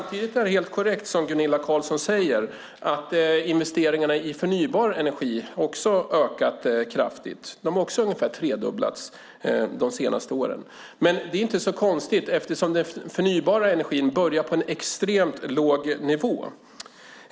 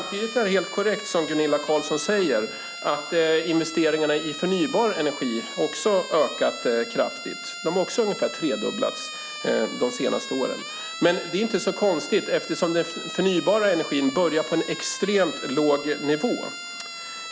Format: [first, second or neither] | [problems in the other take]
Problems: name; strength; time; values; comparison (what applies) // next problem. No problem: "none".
first | background sound (Siren); 11 dB below the speech